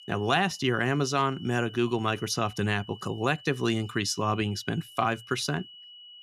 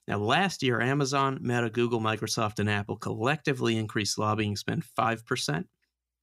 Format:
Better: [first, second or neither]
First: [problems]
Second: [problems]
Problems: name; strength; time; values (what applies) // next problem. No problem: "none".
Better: second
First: high-pitched whine; noticeable; throughout; 3 kHz, 20 dB below the speech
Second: none